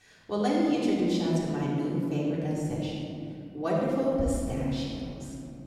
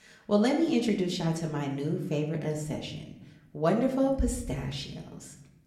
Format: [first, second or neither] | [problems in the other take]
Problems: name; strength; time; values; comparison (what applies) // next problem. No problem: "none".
second | room echo; strong; dies away in 2.7 s; slight in the second // off-mic speech; far; somewhat distant in the second